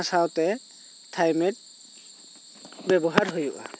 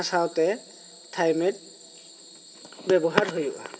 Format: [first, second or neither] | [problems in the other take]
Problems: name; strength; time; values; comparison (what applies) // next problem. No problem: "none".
first | room echo; dies away in 2.3 s